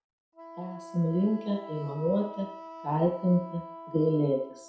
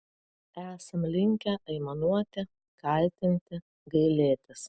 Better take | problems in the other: second | background sound (Wind instrument, woodwind instrument); 15 dB below the speech // room echo; dies away in 0.6 s

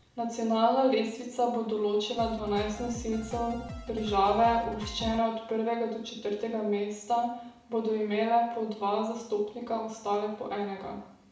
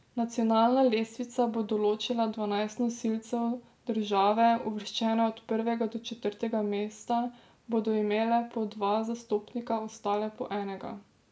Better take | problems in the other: second | background sound (Drum kit); 11 dB below the speech // room echo; dies away in 0.7 s

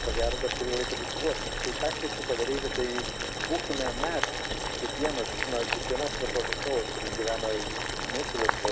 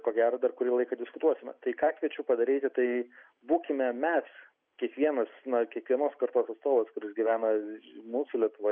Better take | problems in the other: second | background sound (Boiling); 1 dB above the speech

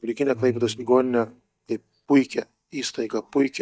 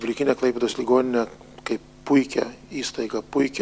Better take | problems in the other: second | noise reduction (neural mask model DeepFilterNet 3)

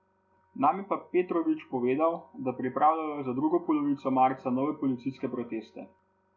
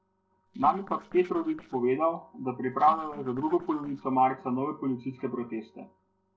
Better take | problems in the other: first | noise reduction (neural separator model SepFormer DNS4)

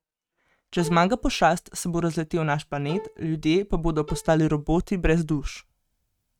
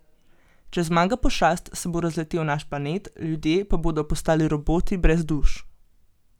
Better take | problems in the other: second | noise reduction (neural mask model RNNoise)

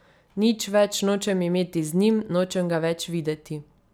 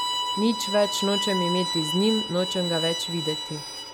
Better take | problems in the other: first | background sound (Bowed string instrument); 3 dB below the speech

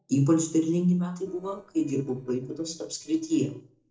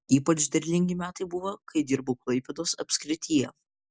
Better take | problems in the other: second | noise reduction (neural separator model SepFormer DNS4)

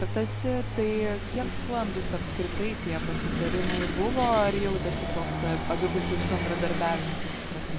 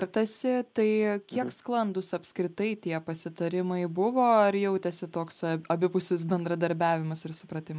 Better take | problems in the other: second | background sound (Engine / Vehicle); as loud as the speech

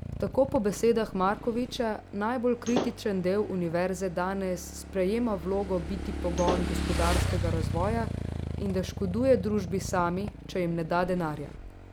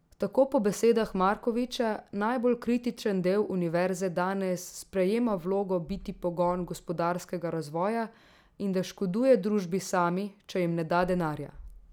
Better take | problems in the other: second | background sound (Slam / Wood + Motorcycle / Engine); 5 dB below the speech

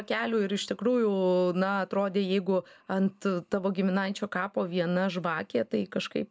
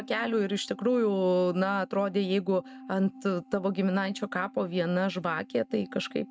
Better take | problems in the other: first | noise reduction (neural mask model RNNoise)

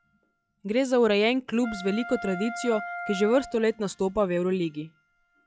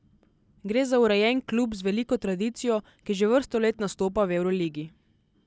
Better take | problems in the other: second | noise reduction (classical method log-MMSE)

